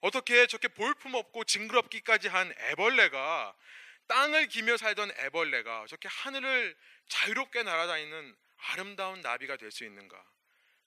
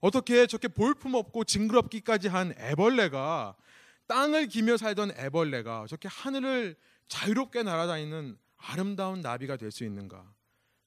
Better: second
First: thin; very; fading below 500 Hz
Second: none

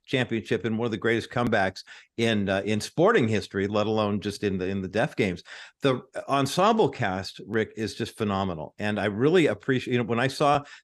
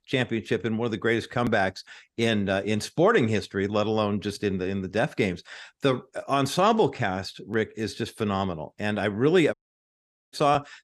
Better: first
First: none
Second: audio cutting out; at 9.5 s for 1 s

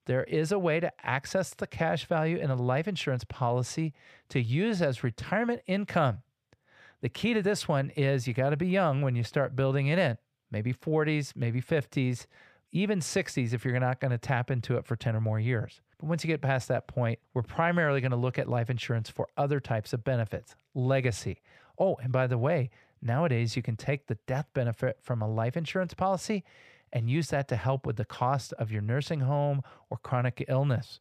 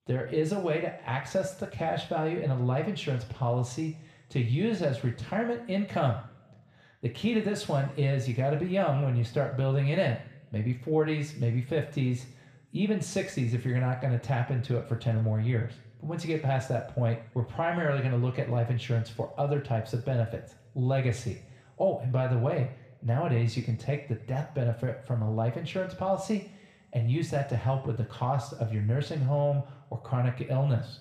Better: first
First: none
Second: room echo; slight; dies away in 0.7 s // off-mic speech; somewhat distant

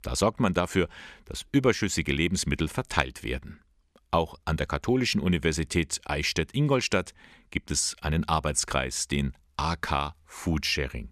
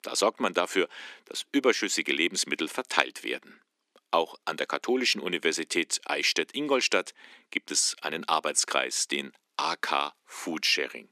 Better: first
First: none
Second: thin; somewhat; fading below 250 Hz

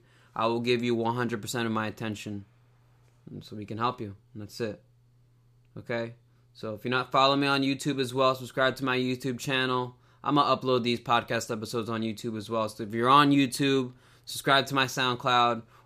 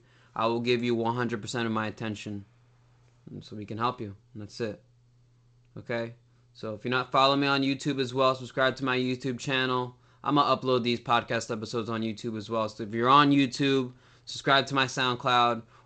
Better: first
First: none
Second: garbled, watery; slightly; nothing above 8 kHz

